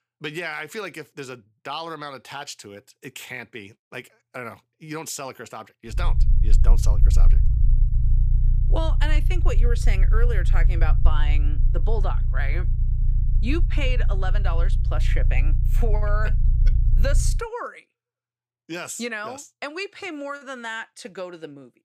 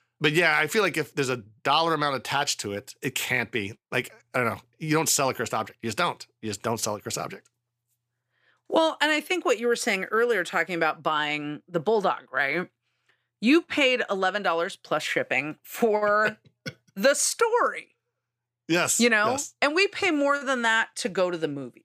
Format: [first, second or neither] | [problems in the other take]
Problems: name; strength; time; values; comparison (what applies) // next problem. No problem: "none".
second | low rumble; noticeable; from 6 to 17 s; 10 dB below the speech